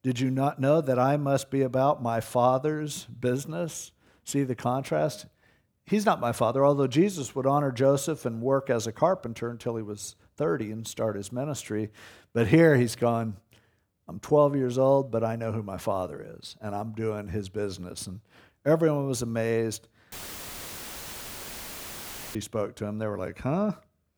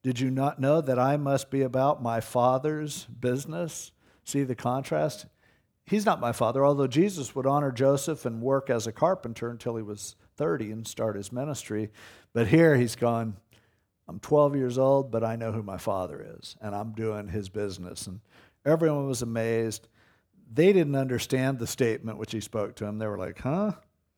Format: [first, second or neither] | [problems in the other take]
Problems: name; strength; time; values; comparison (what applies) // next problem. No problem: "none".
second | audio cutting out; filled with static; at 20 s for 2 s